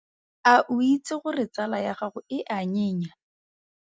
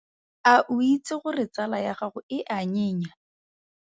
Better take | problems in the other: second | noise reduction (neural mask model DeepFilterNet 3)

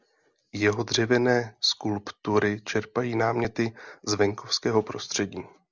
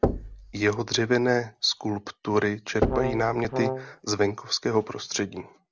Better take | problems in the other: first | background sound (Brass instrument + Knock); 4 dB below the speech

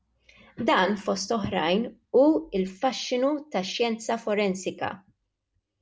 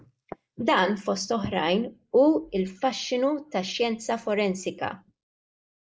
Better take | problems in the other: first | noise reduction (neural mask model Resemble Enhance denoiser)

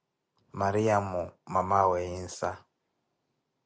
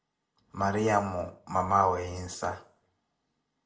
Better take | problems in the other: first | room echo; dies away in 0.4 s

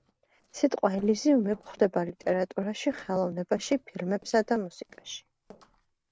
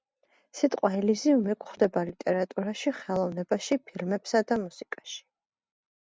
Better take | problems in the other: second | noise reduction (neural separator model SepFormer DNS4)

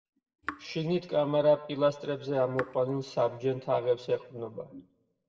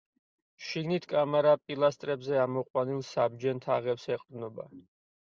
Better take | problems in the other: second | background sound (Raindrop / Drip); 15 dB below the speech // room echo; dies away in 0.6 s

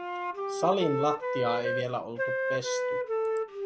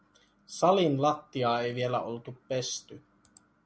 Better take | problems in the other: second | background sound (Wind instrument, woodwind instrument); 1 dB above the speech

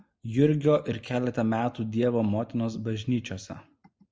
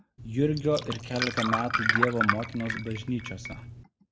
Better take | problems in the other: first | background sound (Glass); 1 dB below the speech

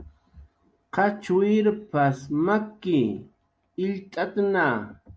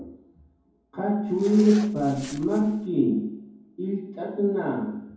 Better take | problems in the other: first | background sound (Zipper (clothing)); 18 dB below the speech // room echo; dies away in 0.9 s

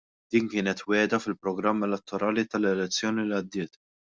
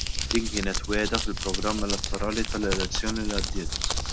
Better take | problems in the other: first | background sound (Crumpling, crinkling); 2 dB above the speech

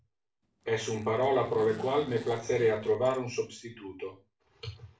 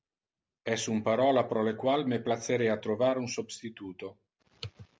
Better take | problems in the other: second | background sound (Zipper (clothing)); 19 dB below the speech // room echo; dies away in 0.3 s

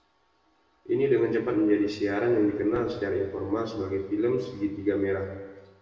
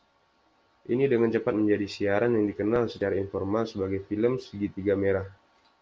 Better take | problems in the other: second | room echo; dies away in 1.2 s

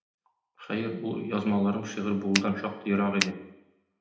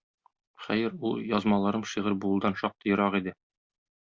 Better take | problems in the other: second | background sound (Finger snapping); 2 dB below the speech // room echo; dies away in 0.8 s

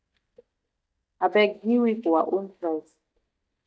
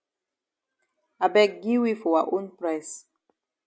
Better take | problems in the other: second | noise reduction (neural mask model DeepFilterNet 3)

